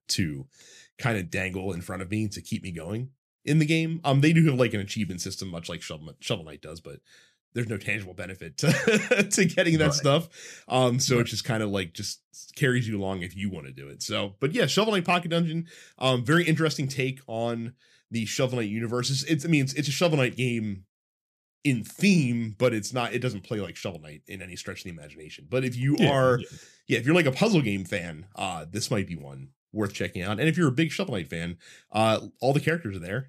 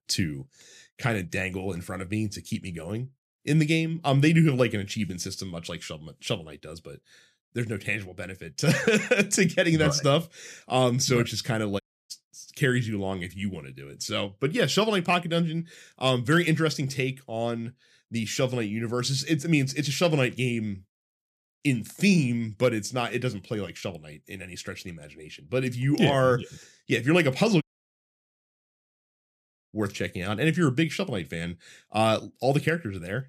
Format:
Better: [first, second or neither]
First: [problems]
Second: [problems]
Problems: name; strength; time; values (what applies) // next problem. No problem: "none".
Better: first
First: none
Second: audio cutting out; at 12 s and at 28 s for 2 s